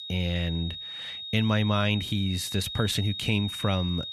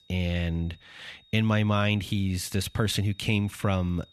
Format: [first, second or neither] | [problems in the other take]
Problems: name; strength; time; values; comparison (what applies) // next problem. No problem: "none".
second | high-pitched whine; loud; throughout; 3.5 kHz, 7 dB below the speech; faint in the second